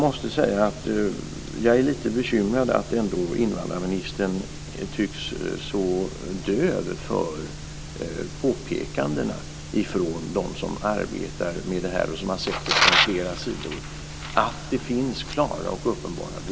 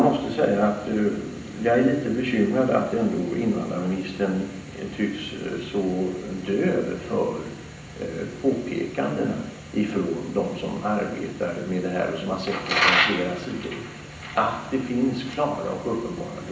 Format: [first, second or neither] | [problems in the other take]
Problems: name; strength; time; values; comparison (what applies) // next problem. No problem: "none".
first | room echo; dies away in 0.8 s